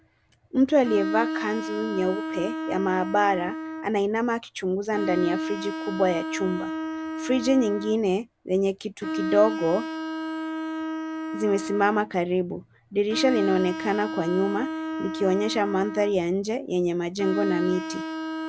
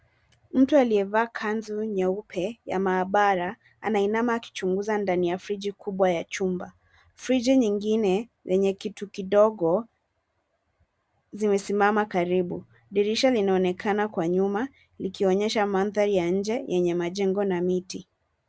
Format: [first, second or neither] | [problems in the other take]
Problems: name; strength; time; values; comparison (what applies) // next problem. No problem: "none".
second | background sound (Bowed string instrument); 6 dB below the speech